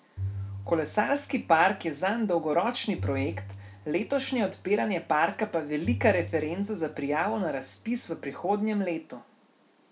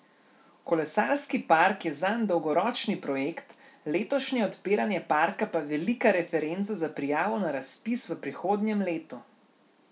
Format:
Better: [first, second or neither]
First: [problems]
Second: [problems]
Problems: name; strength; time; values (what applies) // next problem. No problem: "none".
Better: second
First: background sound (Bowed string instrument); 12 dB below the speech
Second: none